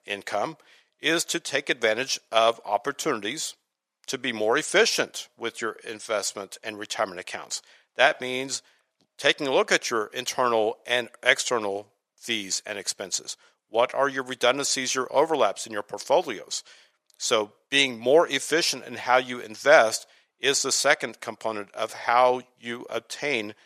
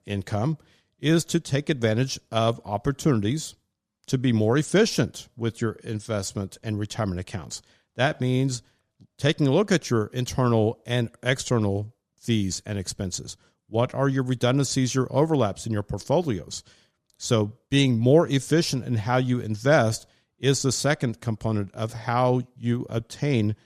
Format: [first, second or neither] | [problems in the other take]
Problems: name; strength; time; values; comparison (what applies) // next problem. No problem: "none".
second | thin; very; fading below 650 Hz